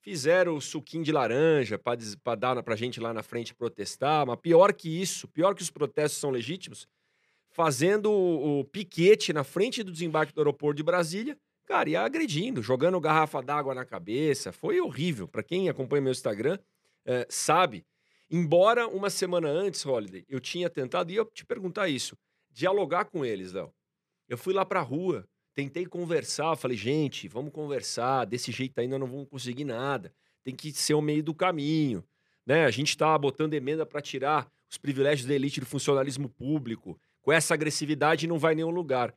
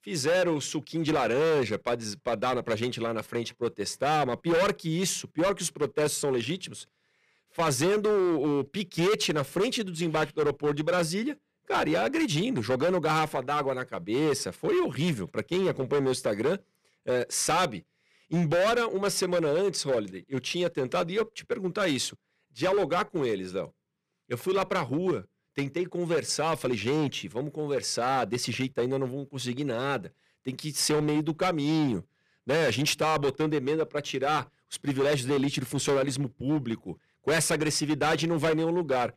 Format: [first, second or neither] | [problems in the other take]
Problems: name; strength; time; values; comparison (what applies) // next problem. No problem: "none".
first | distortion; heavy; 11% of the sound clipped